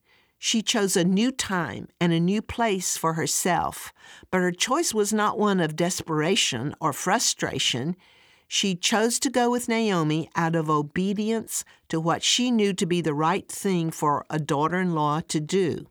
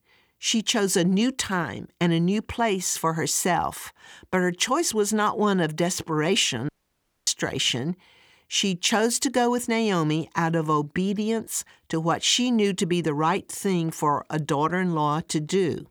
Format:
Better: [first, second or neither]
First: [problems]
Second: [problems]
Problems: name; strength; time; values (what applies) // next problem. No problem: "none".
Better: first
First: none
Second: audio cutting out; at 6.5 s for 0.5 s